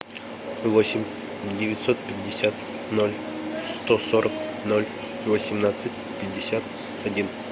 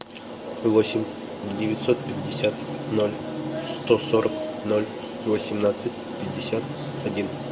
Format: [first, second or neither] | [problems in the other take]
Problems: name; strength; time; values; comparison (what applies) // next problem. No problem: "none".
first | background sound (Bowed string instrument); 12 dB below the speech // room echo; dies away in 0.5 s